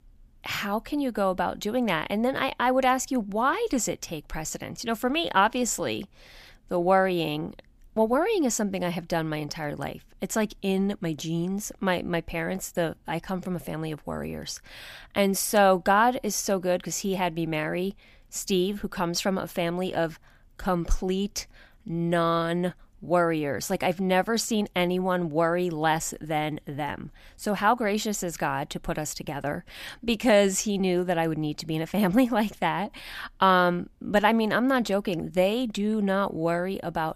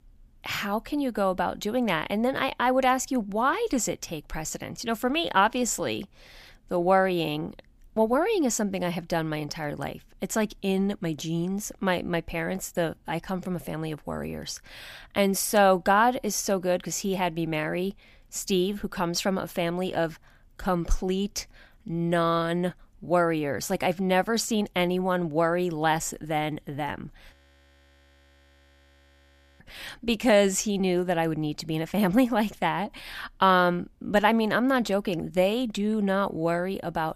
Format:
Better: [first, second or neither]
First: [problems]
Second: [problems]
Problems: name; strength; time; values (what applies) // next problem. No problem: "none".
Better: first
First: none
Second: audio freezing; at 27 s for 2.5 s